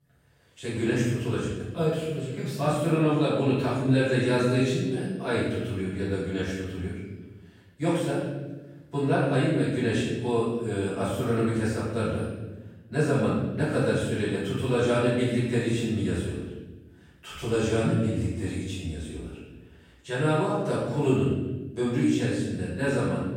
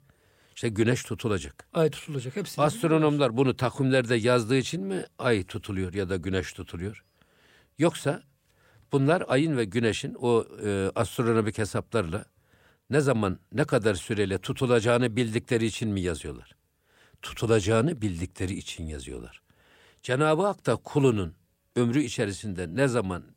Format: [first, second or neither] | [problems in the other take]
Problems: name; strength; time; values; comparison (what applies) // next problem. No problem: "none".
second | room echo; strong; dies away in 1.2 s // off-mic speech; far